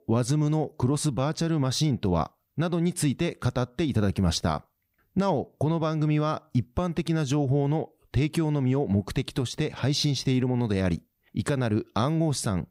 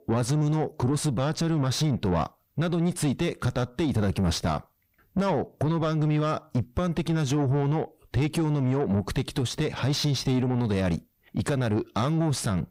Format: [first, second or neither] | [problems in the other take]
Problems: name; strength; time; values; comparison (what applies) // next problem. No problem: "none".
first | distortion; slight; 9 dB below the speech